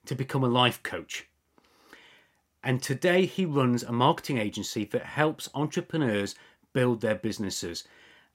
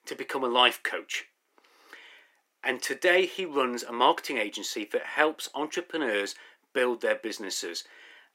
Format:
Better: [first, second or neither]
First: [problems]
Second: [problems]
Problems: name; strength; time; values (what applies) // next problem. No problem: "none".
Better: first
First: none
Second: thin; somewhat; fading below 350 Hz